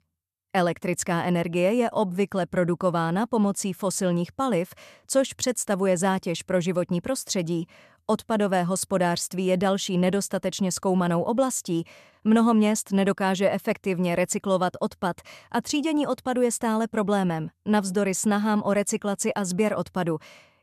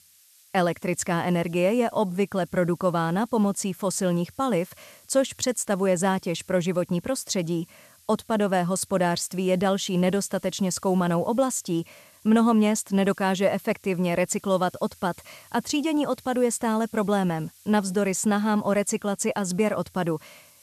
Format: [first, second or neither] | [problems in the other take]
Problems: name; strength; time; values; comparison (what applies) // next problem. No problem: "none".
first | hiss; faint; throughout; 25 dB below the speech